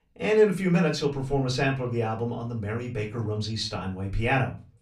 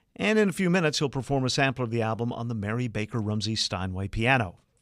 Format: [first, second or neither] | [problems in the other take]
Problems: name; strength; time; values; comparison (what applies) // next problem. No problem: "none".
second | off-mic speech; far // room echo; very slight; dies away in 0.3 s